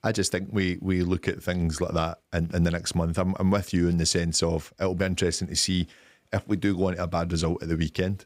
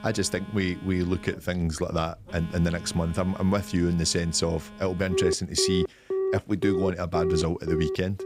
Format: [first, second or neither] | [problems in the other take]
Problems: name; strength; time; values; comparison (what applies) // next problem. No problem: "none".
first | alarms or sirens; loud; throughout; 3 dB below the speech